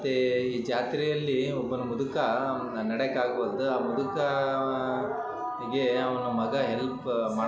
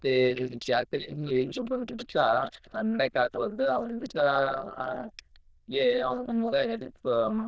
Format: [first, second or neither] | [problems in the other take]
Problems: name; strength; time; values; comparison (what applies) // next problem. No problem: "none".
first | noise reduction (neural diffusion model UNIVERSE++)